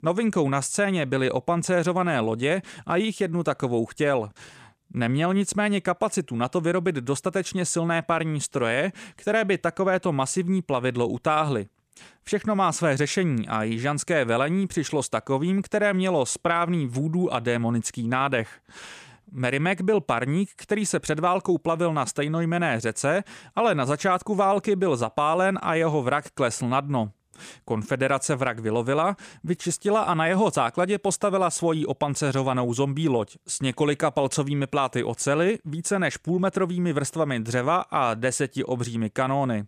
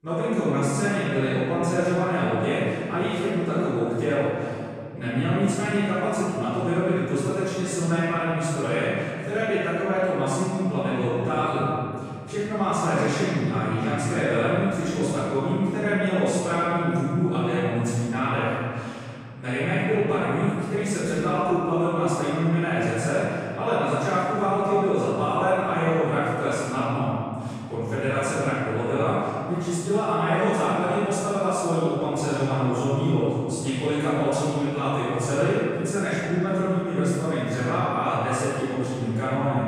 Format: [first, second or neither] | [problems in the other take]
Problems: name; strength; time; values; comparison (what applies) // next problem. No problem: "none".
first | off-mic speech; far // room echo; strong; dies away in 2.3 s